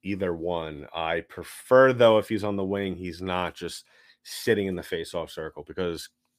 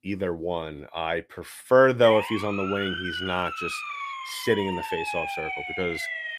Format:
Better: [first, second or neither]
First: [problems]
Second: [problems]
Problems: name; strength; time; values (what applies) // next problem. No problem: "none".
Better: first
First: none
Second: siren; noticeable; from 2 s on; peak 4 dB below the speech